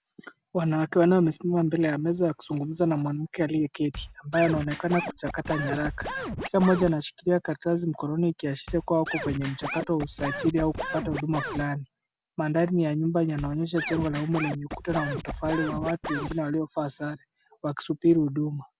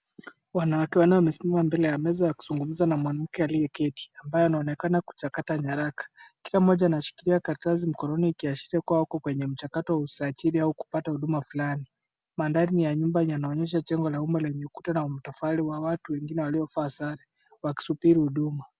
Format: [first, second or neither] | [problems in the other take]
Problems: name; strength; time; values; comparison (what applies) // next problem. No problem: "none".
second | background sound (Scratching (performance technique)); 8 dB below the speech